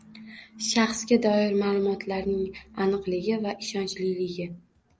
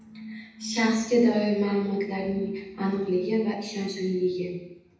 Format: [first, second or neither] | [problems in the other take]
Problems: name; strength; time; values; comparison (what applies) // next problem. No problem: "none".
first | room echo; dies away in 0.8 s